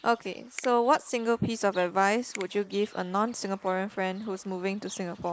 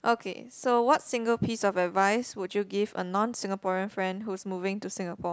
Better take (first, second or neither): second